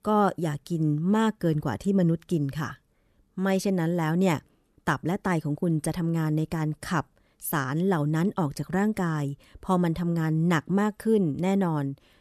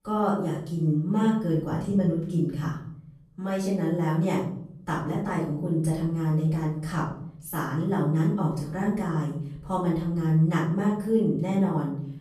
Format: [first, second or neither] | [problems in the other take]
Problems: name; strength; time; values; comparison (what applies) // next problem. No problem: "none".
first | room echo; noticeable; dies away in 0.7 s // off-mic speech; far